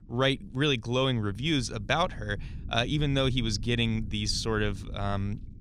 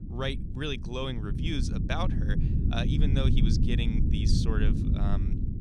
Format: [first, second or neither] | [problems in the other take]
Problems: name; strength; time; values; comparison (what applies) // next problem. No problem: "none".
first | low rumble; loud; throughout; 4 dB below the speech; faint in the first